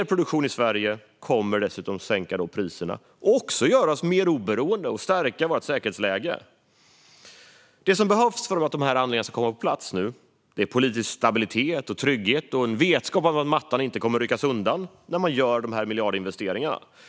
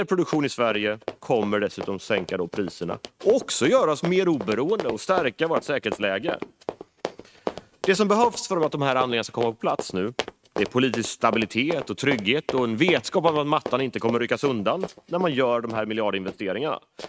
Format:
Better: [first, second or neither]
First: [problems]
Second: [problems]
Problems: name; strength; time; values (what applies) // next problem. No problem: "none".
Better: first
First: none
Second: noise reduction (neural mask model RNNoise)